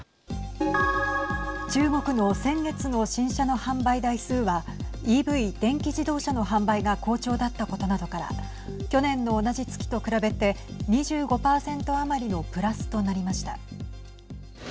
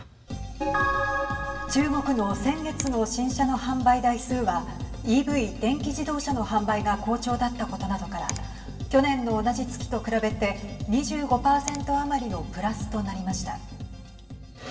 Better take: first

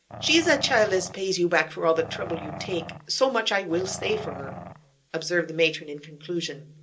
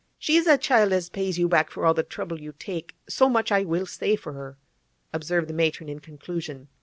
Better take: second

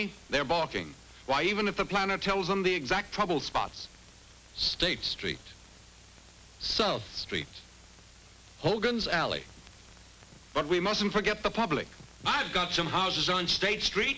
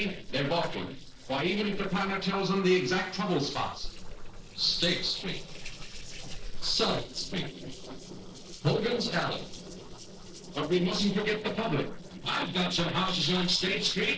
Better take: first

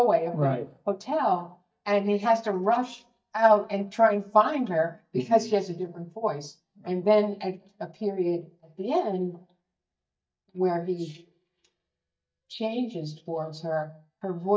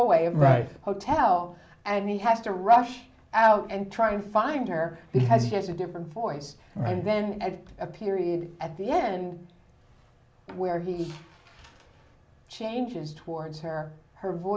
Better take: second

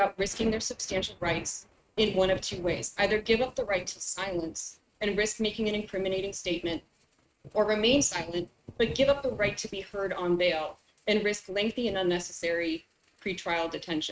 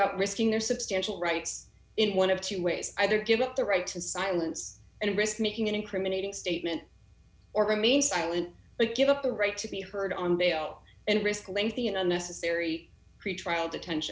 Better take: second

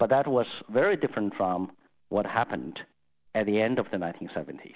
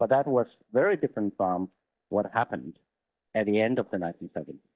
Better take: first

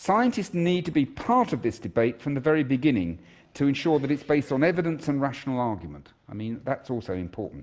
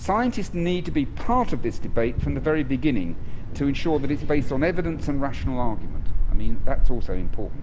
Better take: first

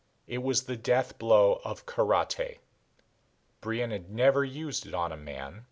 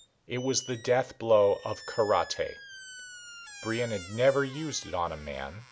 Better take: first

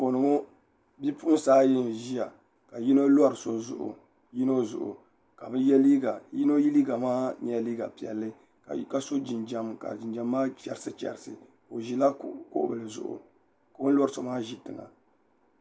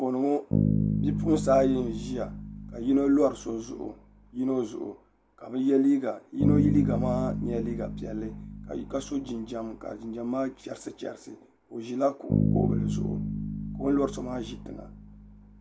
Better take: first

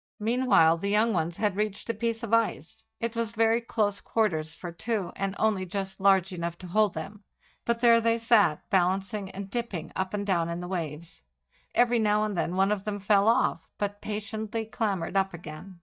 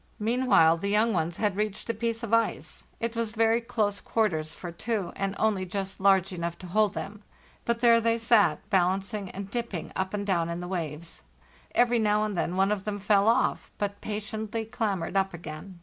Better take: second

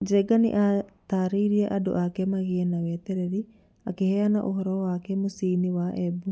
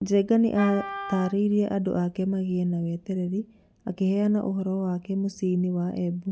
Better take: first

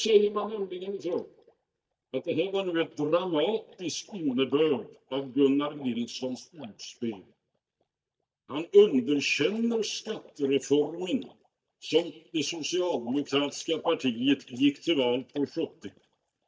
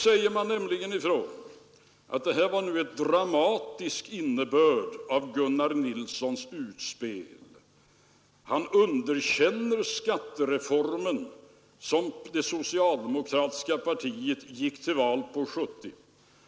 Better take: second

